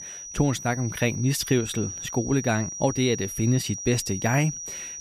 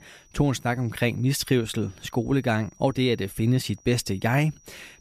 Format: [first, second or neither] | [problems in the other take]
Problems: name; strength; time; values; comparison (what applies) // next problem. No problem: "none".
second | high-pitched whine; loud; throughout; 6 kHz, 8 dB below the speech; faint in the second